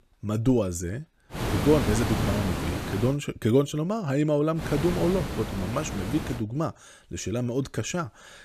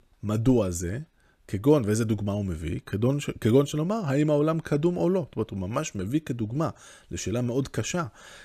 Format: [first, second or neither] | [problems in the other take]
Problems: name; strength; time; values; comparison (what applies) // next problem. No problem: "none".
second | hiss; loud; from 1.5 to 3 s and from 4.5 to 6.5 s; 4 dB below the speech